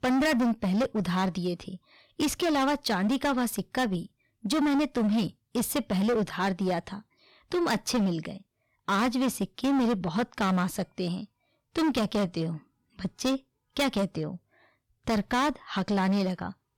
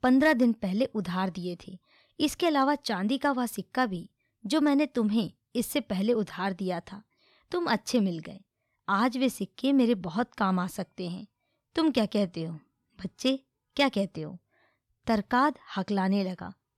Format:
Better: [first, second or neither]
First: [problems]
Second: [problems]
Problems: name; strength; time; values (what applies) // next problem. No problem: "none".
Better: second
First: distortion; heavy; 16% of the sound clipped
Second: none